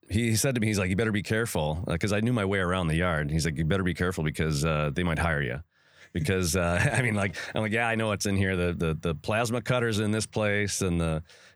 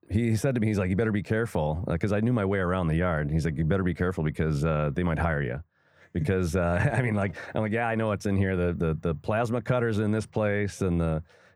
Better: first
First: none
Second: muffled; slightly; fading above 2 kHz

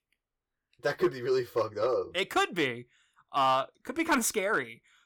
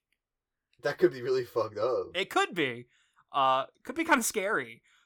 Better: second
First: distortion; slight; 2% of the sound clipped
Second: none

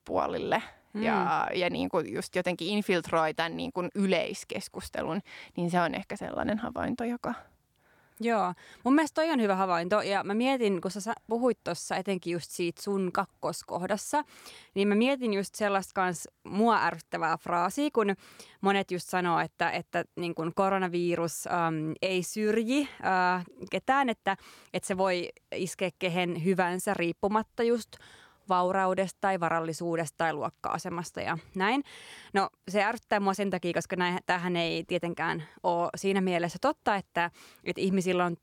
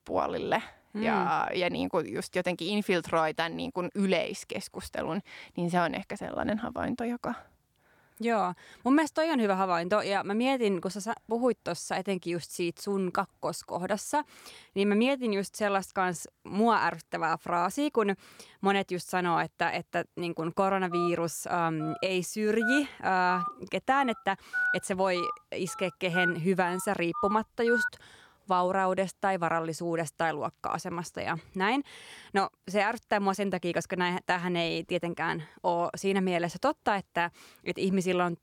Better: first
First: none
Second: phone ringing; loud; from 21 to 28 s; peak 1 dB above the speech

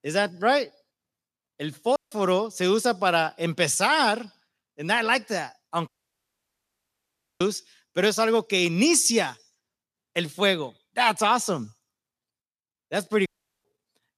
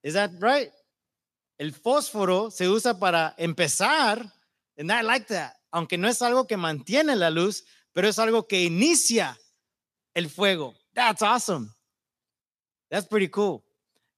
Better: second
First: audio cutting out; at 2 s, at 6 s for 1.5 s and at 13 s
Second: none

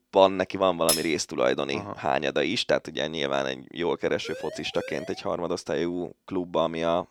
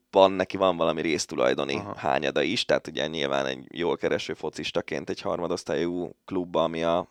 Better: second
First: clattering dishes; loud; at 1 s; peak 1 dB above the speech // siren; faint; at 4 s; peak 10 dB below the speech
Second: none

